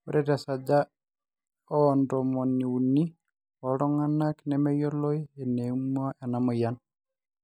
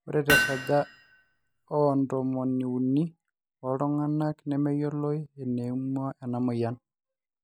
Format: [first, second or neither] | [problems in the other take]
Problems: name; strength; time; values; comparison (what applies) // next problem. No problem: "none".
first | background sound (Hammer); 1 dB below the speech